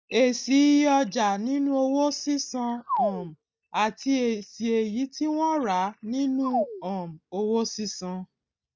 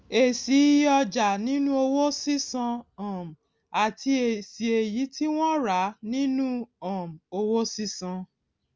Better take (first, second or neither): second